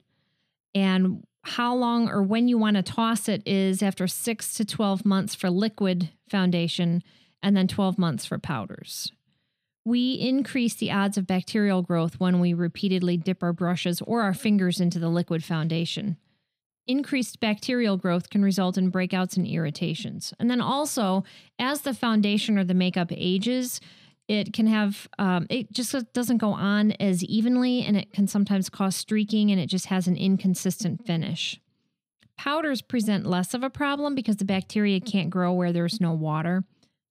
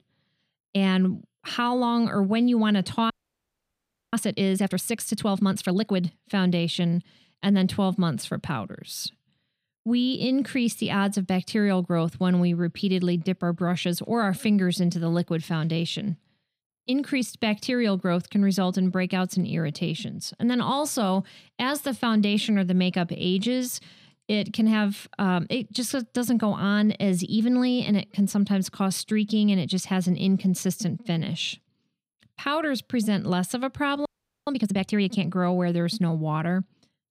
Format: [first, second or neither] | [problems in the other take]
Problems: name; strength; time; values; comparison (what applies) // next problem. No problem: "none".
first | audio freezing; at 3 s for 1 s and at 34 s